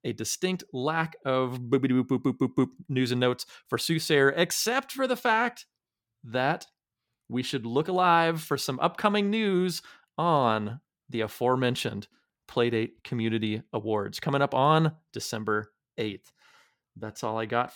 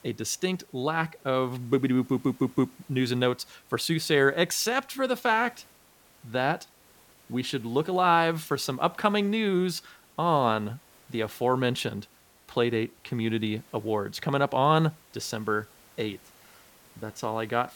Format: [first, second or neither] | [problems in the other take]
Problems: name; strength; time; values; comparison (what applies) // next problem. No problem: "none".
first | hiss; faint; throughout; 30 dB below the speech